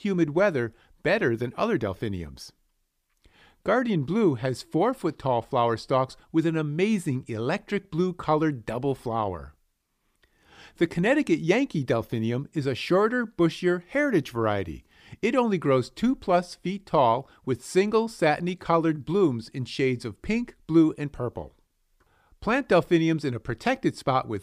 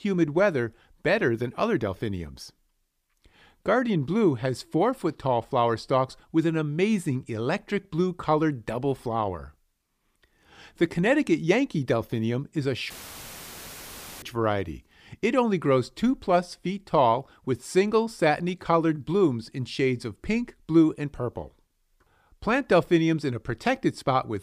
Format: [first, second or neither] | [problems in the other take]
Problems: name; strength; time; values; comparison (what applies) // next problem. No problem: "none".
first | audio cutting out; filled with static; at 13 s for 1.5 s